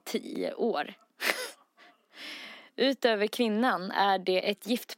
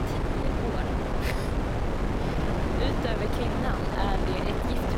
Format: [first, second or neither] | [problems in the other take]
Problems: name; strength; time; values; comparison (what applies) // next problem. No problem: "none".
first | wind noise on the microphone; heavy; 4 dB above the speech